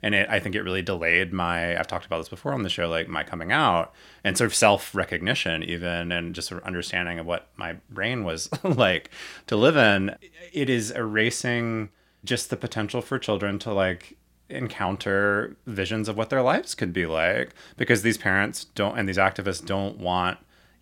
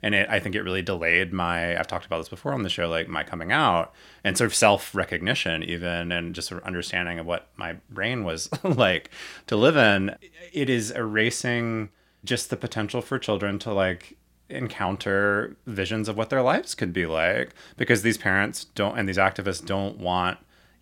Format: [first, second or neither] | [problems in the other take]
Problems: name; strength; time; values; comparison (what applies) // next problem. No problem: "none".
neither | none